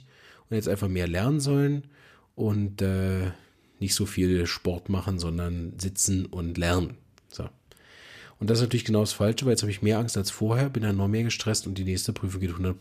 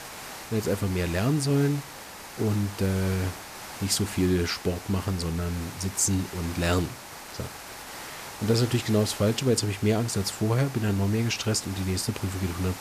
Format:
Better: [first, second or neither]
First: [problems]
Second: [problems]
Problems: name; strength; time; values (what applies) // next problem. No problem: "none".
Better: first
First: none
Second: hiss; noticeable; throughout; 10 dB below the speech